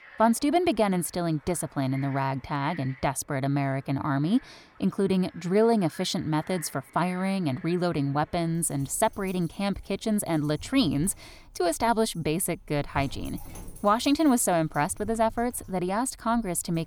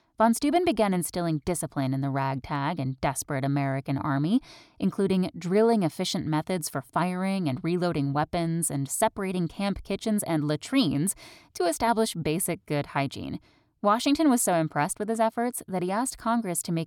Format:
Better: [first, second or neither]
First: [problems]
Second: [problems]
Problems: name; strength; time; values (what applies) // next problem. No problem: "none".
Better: second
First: animal sounds; faint; throughout; 20 dB below the speech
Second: none